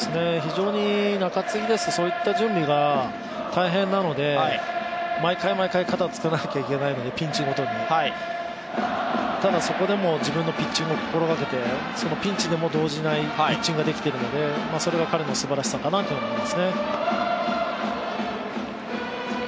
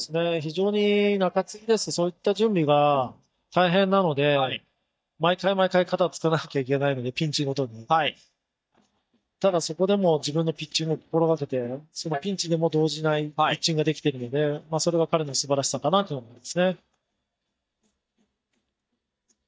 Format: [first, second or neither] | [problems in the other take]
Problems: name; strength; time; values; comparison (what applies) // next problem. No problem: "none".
first | noise reduction (neural mask model DeepFilterNet 3)